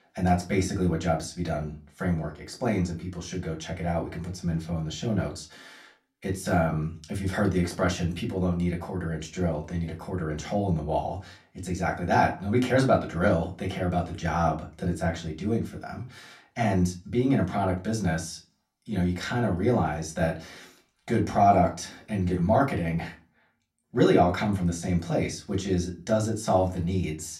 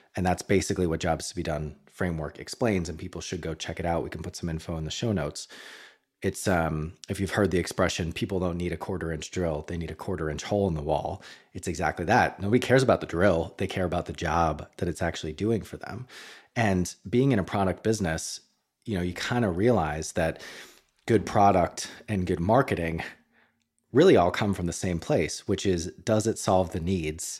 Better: second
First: off-mic speech; far // room echo; very slight; dies away in 0.2 s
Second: none

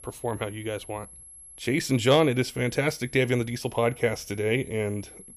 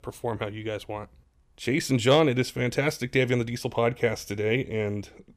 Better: second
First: high-pitched whine; noticeable; throughout; 11 kHz, 20 dB below the speech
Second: none

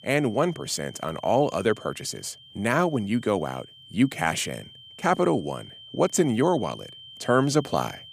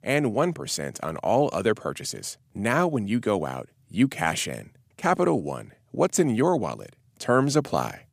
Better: second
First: high-pitched whine; noticeable; throughout; 3 kHz, 20 dB below the speech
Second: none

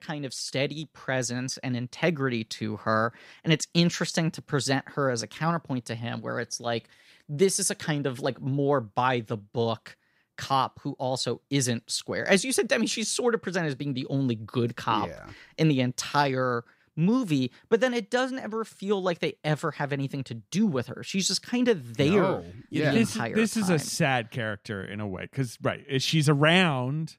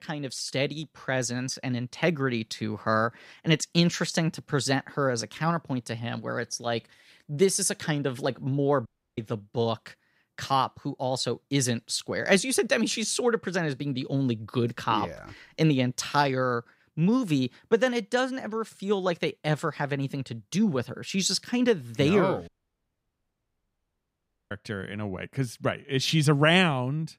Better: first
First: none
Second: audio cutting out; at 9 s and at 22 s for 2 s

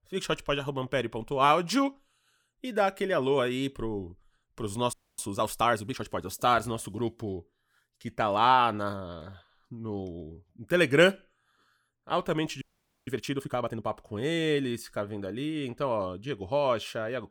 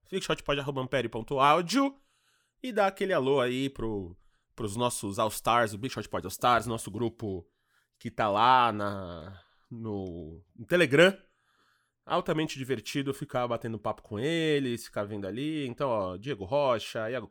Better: second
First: audio freezing; at 5 s and at 13 s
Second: none

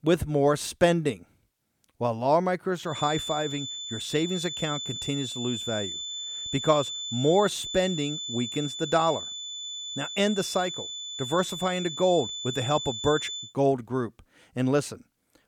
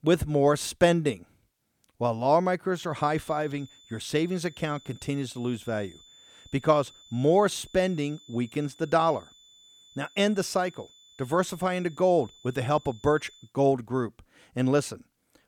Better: second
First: high-pitched whine; loud; from 3 to 13 s; 3.5 kHz, 6 dB below the speech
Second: high-pitched whine; faint; from 3 to 13 s; 3.5 kHz, 25 dB below the speech

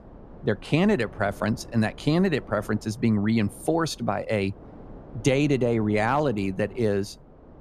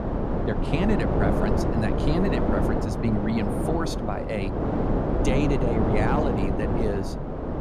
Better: first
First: wind noise on the microphone; occasional gusts; 20 dB below the speech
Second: wind noise on the microphone; heavy; 2 dB above the speech

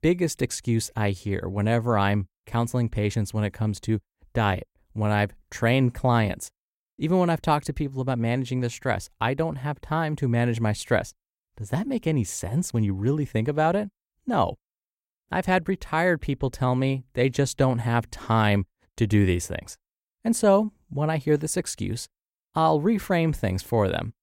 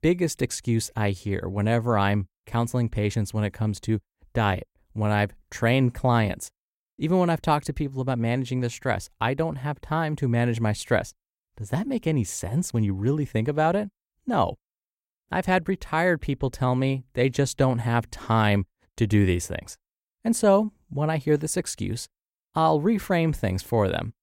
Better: neither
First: none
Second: none

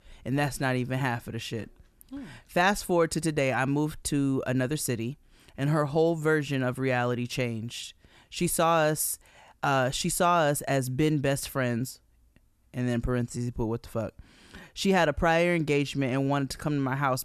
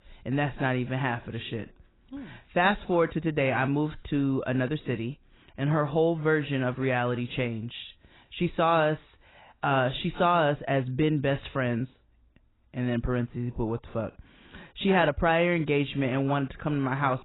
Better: first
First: none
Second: garbled, watery; badly; nothing above 4 kHz

